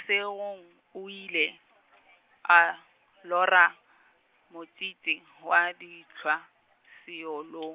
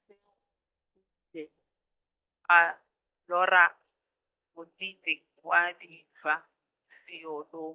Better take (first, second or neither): first